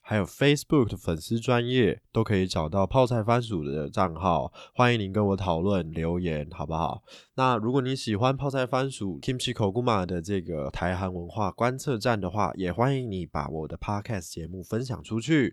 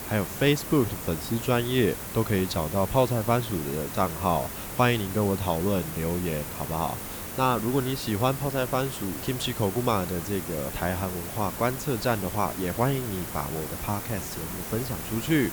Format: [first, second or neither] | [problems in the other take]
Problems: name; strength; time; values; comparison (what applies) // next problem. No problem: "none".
first | hiss; loud; throughout; 7 dB below the speech